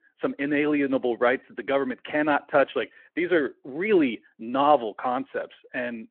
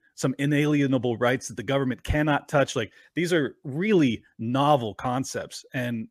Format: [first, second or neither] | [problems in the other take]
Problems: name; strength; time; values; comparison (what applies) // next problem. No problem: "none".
second | phone-call audio